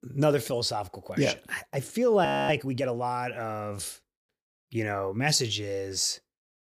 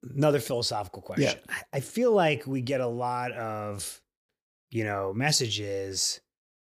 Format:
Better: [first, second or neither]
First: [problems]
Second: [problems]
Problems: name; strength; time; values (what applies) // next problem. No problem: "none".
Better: second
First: audio freezing; at 2.5 s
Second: none